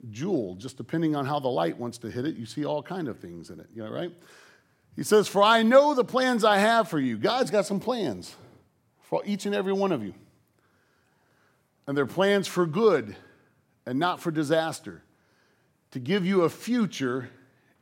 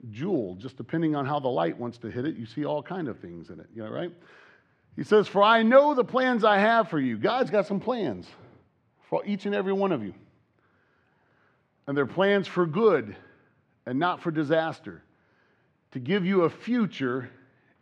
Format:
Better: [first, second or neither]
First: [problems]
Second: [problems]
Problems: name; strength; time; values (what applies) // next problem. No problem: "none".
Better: first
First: none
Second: muffled; slightly; fading above 2.5 kHz